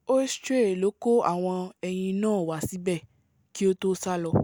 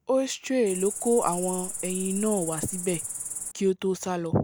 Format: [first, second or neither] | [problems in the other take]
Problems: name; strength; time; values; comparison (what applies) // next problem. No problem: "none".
first | background sound (Cricket); 7 dB below the speech